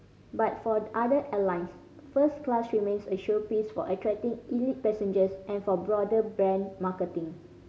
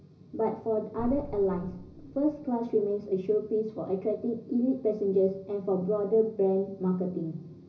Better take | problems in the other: first | background sound (Drum); 16 dB below the speech // room echo; dies away in 0.5 s

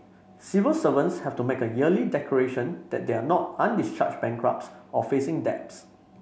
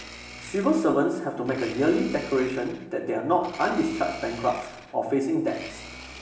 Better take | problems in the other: first | background sound (Domestic sounds, home sounds); 17 dB below the speech // room echo; dies away in 0.9 s

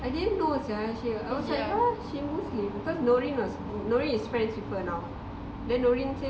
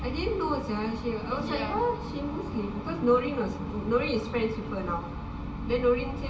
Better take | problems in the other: first | room echo; dies away in 2 s

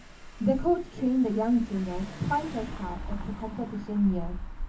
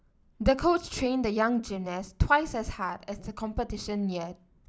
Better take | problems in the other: second | background sound (Engine / Car); 9 dB below the speech // room echo; dies away in 0.3 s

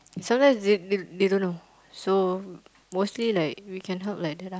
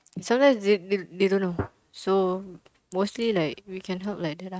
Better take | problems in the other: first | noise reduction (neural mask model RNNoise)

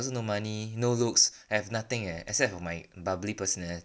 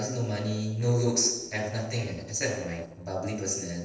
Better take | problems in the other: first | noise reduction (neural separator model SepFormer DNS4)

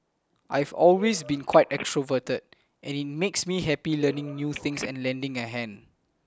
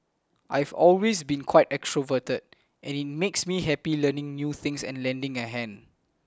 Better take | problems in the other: second | background sound (Telephone); 14 dB below the speech

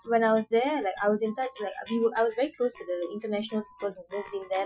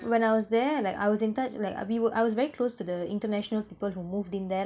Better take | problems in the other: second | noise reduction (classical method Wiener filter)

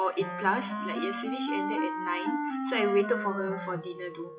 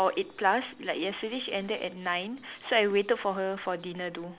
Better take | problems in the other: second | noise reduction (classical method WPE with log-MMSE)

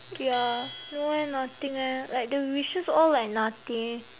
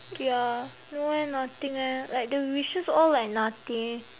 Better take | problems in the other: second | background sound (Bell); 18 dB below the speech

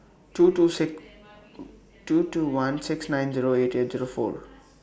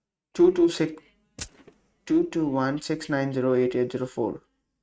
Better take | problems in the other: first | noise reduction (neural mask model RNNoise)

